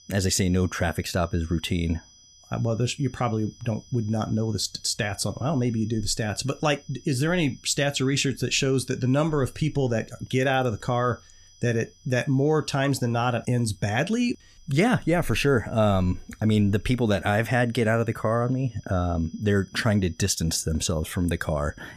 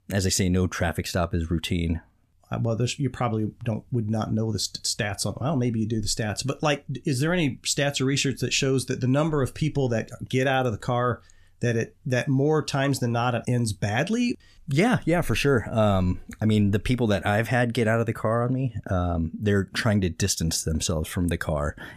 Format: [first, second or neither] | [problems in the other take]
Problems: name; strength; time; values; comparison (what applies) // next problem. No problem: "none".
second | high-pitched whine; faint; throughout; 6 kHz, 30 dB below the speech